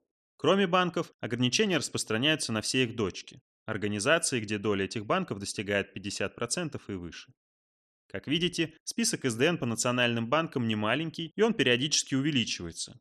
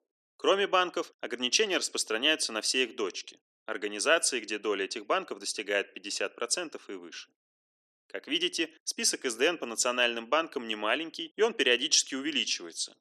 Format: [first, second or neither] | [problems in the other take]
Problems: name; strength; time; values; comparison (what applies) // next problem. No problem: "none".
first | thin; somewhat; fading below 300 Hz